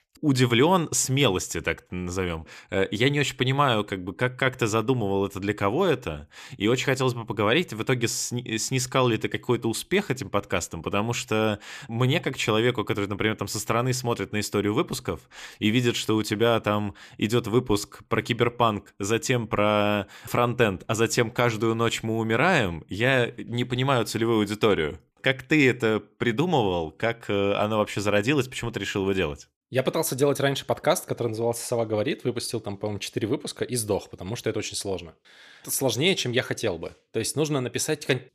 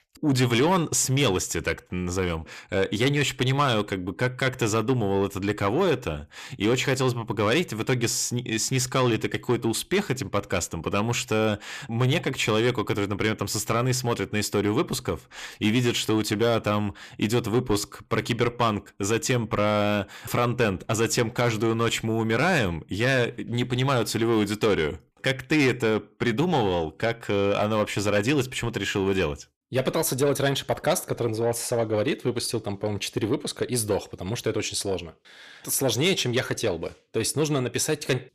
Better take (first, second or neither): first